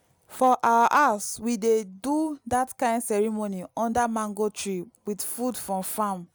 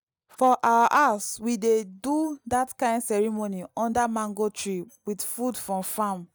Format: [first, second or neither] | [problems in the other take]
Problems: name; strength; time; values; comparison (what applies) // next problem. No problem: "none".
first | noise reduction (neural mask model DeepFilterNet 3)